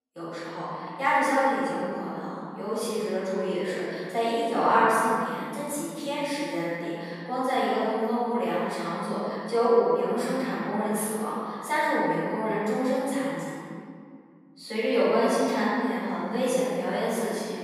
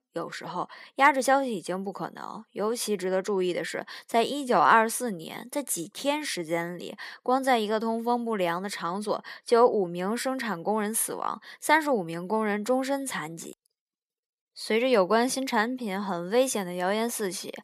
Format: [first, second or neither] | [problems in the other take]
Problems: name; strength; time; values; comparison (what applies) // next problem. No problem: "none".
second | off-mic speech; far // room echo; strong; dies away in 2.2 s